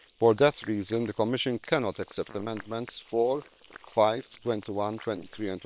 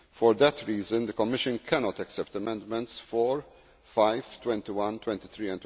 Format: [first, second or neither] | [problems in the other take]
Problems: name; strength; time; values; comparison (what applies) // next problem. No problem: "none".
second | noise reduction (neural separator model SepFormer WHAM!)